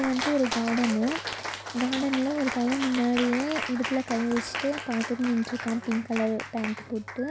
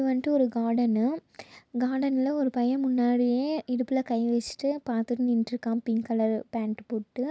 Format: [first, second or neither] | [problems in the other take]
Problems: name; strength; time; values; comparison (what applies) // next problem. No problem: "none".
second | background sound (Cheering); 7 dB below the speech